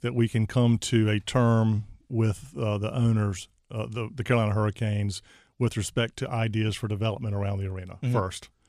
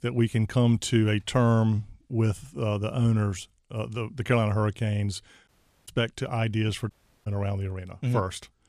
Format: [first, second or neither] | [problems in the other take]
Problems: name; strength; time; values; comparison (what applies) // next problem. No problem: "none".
first | audio cutting out; at 5.5 s and at 7 s